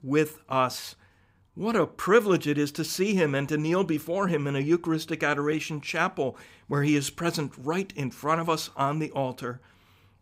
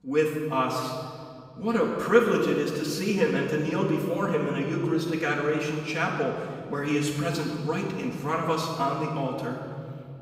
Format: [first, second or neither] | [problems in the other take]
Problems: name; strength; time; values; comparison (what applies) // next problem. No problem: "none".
first | off-mic speech; far // room echo; noticeable; dies away in 2.2 s